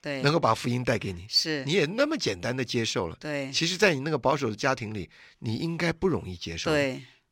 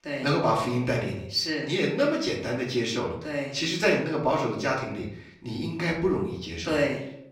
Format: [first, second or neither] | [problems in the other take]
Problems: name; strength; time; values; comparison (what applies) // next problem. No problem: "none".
first | room echo; slight; dies away in 0.5 s // off-mic speech; far